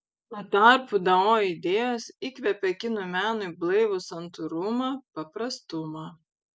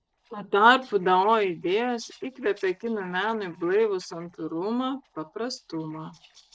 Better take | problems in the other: first | noise reduction (neural separator model SepFormer DNS4)

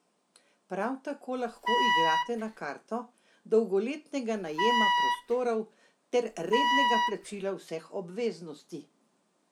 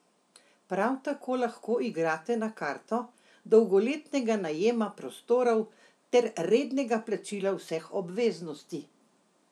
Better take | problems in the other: second | background sound (Wind instrument, woodwind instrument); 4 dB above the speech

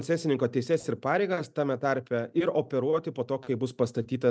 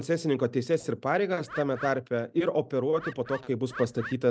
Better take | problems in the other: first | noise reduction (neural mask model Resemble Enhance denoiser)

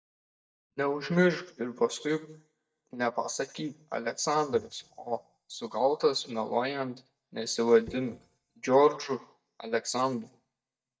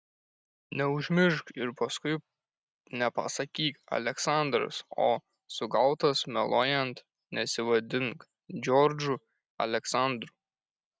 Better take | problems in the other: second | noise reduction (neural mask model DeepFilterNet 3)

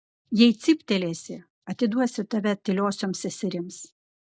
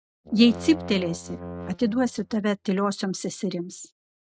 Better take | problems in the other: first | noise reduction (neural mask model RNNoise)

